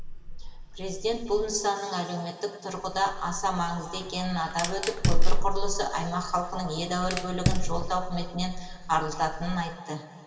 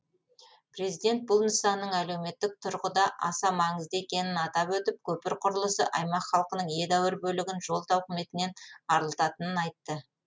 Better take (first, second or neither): second